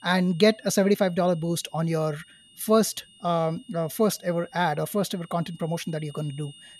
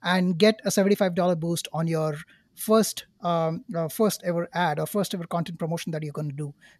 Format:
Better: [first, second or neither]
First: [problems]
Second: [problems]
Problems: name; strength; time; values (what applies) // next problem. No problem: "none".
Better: second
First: high-pitched whine; faint; throughout; 3 kHz, 25 dB below the speech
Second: none